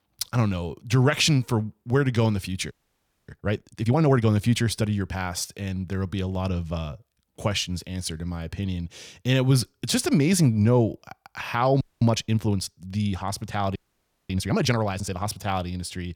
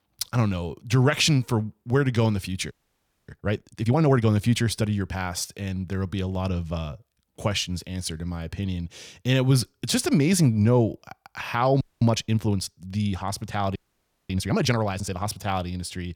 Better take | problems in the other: neither | audio freezing; at 2.5 s for 0.5 s, at 12 s and at 14 s for 0.5 s; the same in both

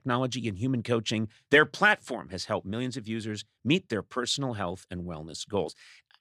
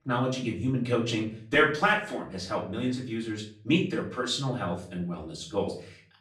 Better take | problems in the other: first | off-mic speech; far // room echo; slight; dies away in 0.4 s

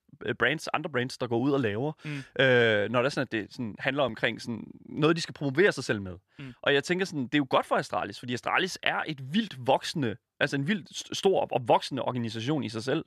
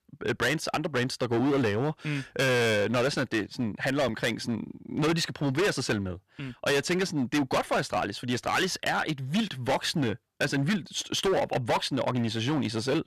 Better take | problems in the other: first | distortion; heavy; 15% of the sound clipped

